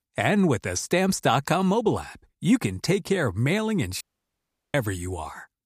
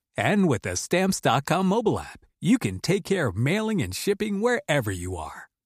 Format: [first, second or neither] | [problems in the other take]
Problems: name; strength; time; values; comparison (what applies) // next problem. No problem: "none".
second | audio cutting out; at 4 s for 0.5 s